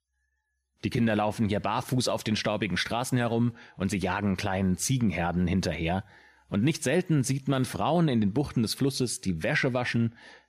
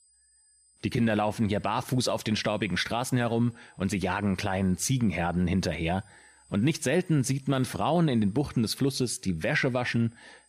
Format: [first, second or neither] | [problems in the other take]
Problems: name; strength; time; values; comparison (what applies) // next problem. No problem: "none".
first | high-pitched whine; faint; throughout; 8 kHz, 30 dB below the speech